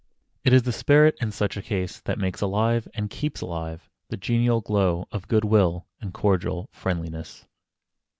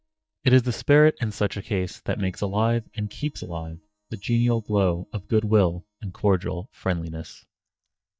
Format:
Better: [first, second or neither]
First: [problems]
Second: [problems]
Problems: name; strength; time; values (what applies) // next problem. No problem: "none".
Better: first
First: none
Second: noise reduction (neural mask model DeepFilterNet 3)